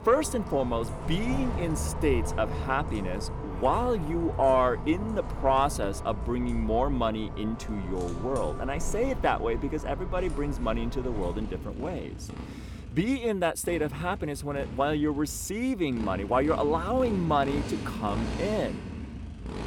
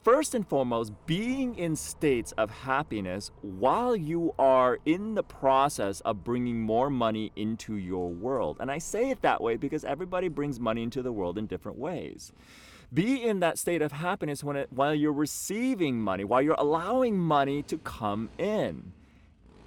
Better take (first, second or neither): second